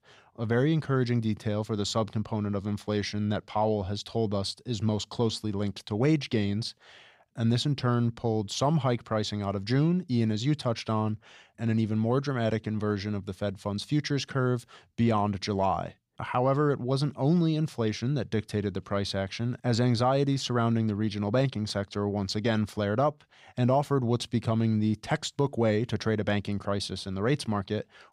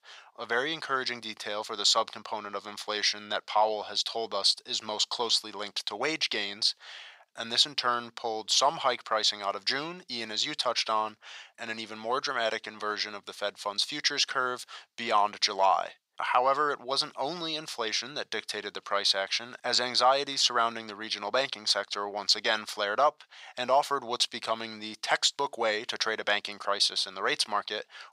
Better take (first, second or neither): first